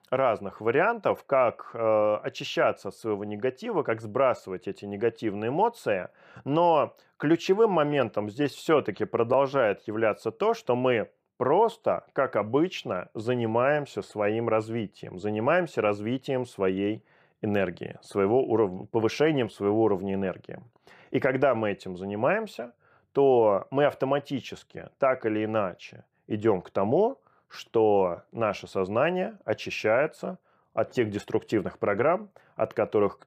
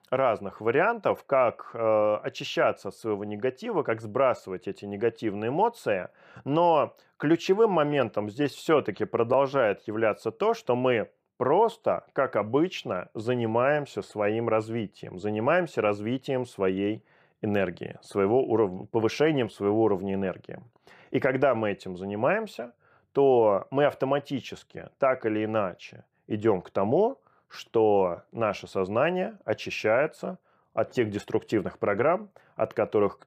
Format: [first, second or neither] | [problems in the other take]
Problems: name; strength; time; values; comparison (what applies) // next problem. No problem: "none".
neither | none